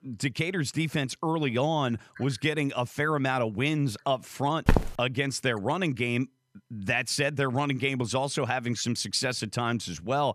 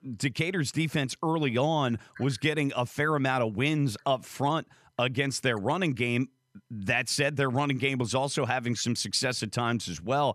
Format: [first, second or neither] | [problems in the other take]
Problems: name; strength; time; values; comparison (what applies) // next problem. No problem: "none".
second | footsteps; loud; at 4.5 s; peak 2 dB above the speech